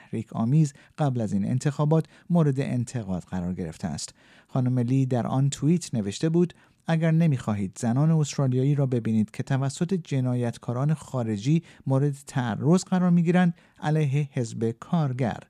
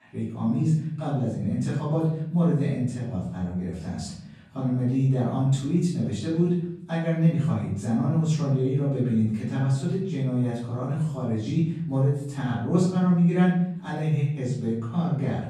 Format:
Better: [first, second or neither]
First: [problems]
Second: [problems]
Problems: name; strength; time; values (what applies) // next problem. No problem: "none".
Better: first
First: none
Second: off-mic speech; far // room echo; noticeable; dies away in 0.8 s